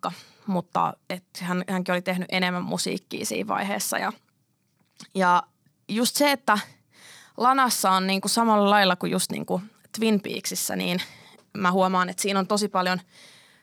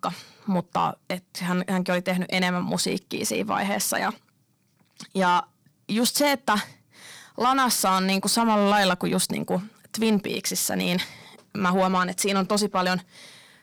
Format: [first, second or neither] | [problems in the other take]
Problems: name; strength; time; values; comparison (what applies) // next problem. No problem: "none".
first | distortion; slight; 10 dB below the speech